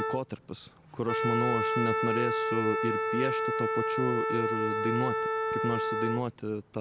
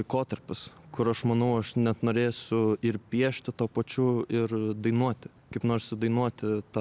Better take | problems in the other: second | background sound (Wind instrument, woodwind instrument); 2 dB above the speech

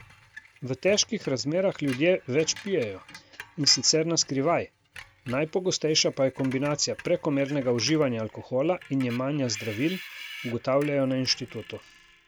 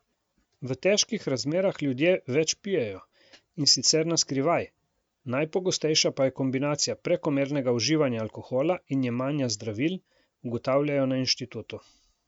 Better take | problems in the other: second | background sound (Screech); 19 dB below the speech

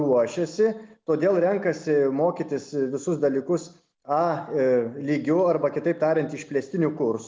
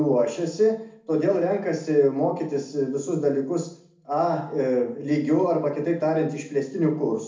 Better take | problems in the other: first | room echo; dies away in 0.4 s

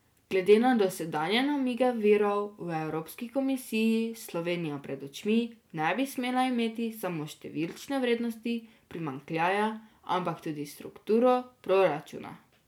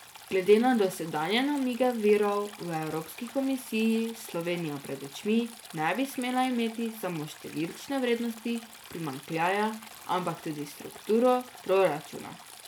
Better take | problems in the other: first | background sound (Stream); 19 dB below the speech

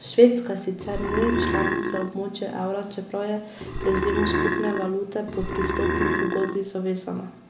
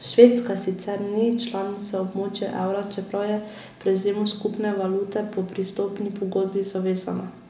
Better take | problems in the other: second | background sound (Burping, eructation); as loud as the speech

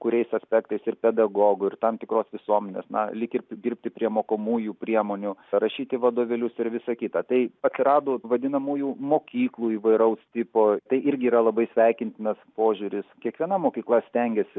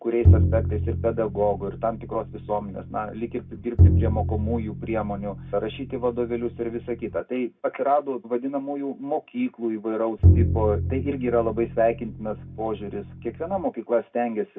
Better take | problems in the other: first | background sound (Bowed string instrument); 2 dB above the speech // room echo; dies away in 0.2 s

